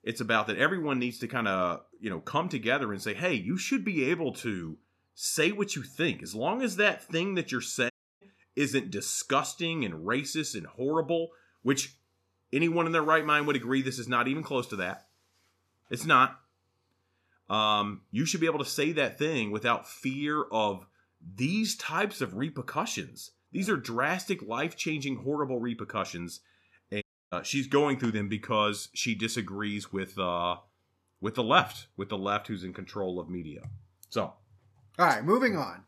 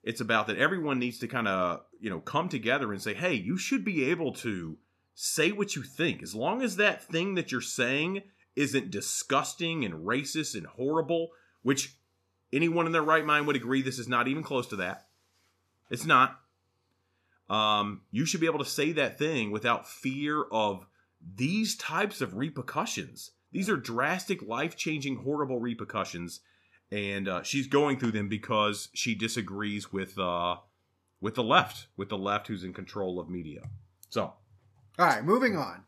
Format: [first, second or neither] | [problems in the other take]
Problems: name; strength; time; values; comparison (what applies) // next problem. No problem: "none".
second | audio cutting out; at 8 s and at 27 s